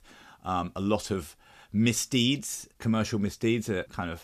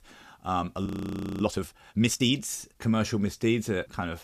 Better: first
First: none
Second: audio freezing; at 1 s for 0.5 s

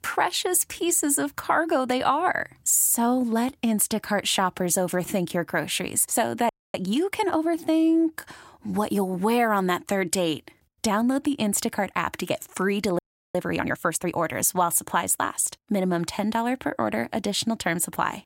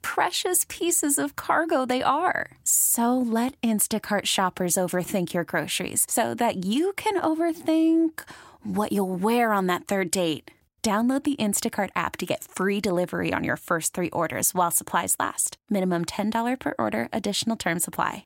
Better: second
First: audio freezing; at 6.5 s and at 13 s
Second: none

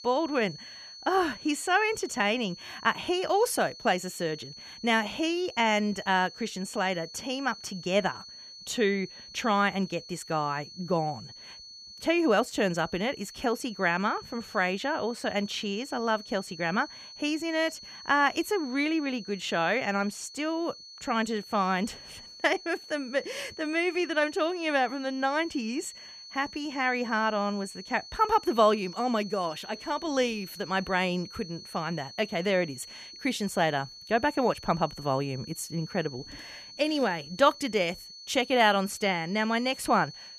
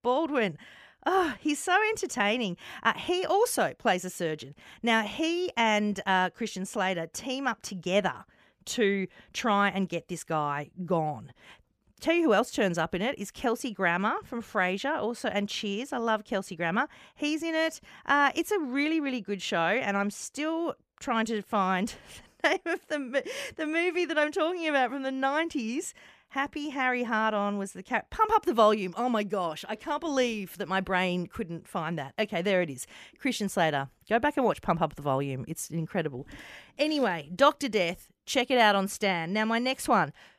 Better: second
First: high-pitched whine; noticeable; throughout; 4.5 kHz, 15 dB below the speech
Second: none

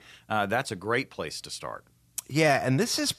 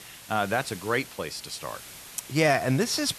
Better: first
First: none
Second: hiss; noticeable; throughout; 15 dB below the speech

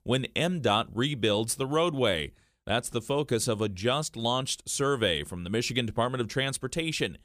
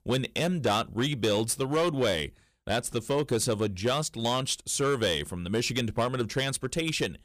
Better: first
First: none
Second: distortion; slight; 5% of the sound clipped

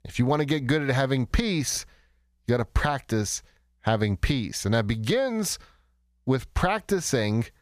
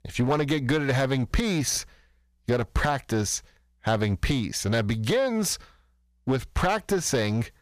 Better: first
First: none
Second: distortion; slight; 6% of the sound clipped

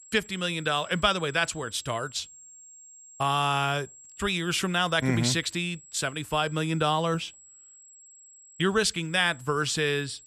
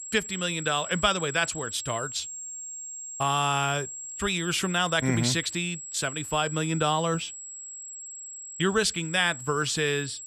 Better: first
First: high-pitched whine; faint; throughout; 7.5 kHz, 20 dB below the speech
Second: high-pitched whine; loud; throughout; 7.5 kHz, 9 dB below the speech

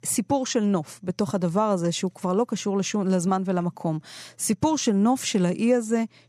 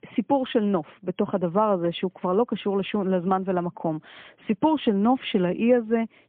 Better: first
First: none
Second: phone-call audio; poor line; nothing above 3.5 kHz

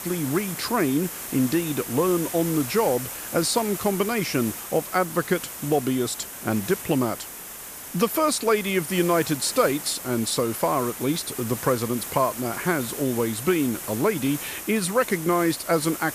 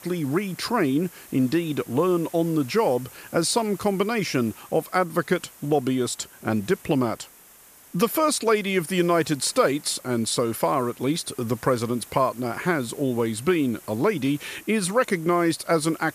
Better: second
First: hiss; loud; throughout; 8 dB below the speech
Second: hiss; faint; throughout; 20 dB below the speech

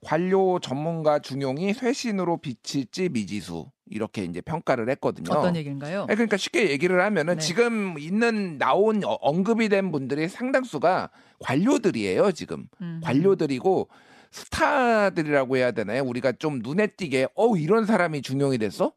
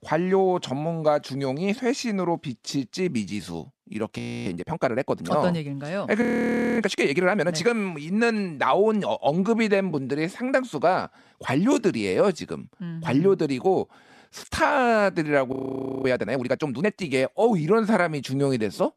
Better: first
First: none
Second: audio freezing; at 4 s, at 6 s for 0.5 s and at 16 s for 0.5 s

